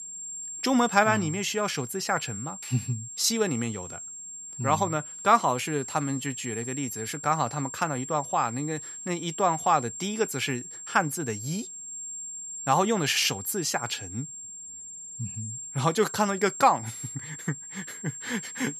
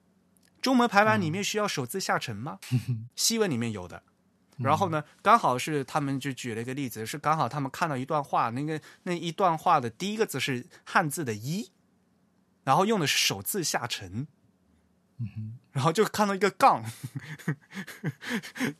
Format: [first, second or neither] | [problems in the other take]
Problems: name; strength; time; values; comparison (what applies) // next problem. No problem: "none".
second | high-pitched whine; loud; throughout; 7.5 kHz, 9 dB below the speech